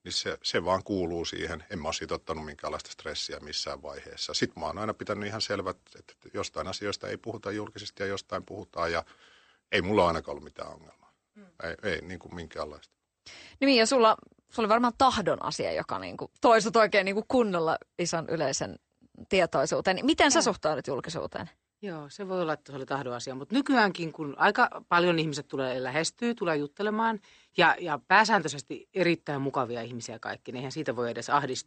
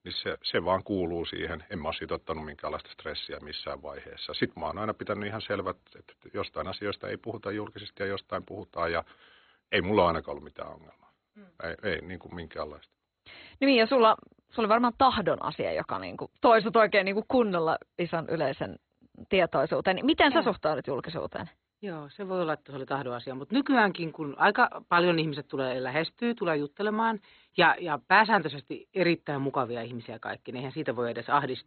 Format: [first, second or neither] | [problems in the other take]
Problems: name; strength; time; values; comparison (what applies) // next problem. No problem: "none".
first | garbled, watery; badly; nothing above 4 kHz; slightly in the first